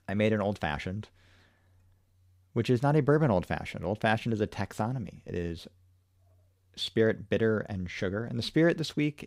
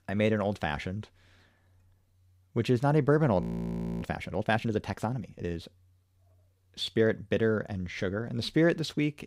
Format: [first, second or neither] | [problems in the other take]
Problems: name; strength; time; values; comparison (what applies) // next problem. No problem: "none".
first | audio freezing; at 3.5 s for 0.5 s